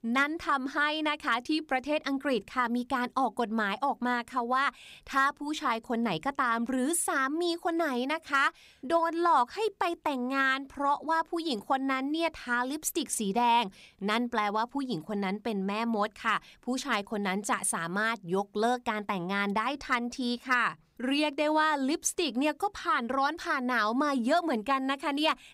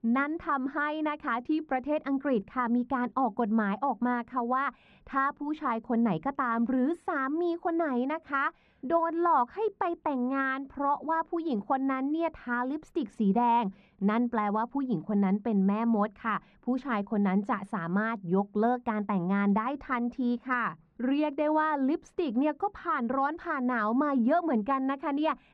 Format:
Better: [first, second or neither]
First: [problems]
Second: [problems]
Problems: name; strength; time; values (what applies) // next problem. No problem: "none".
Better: first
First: none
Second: muffled; very; fading above 1.5 kHz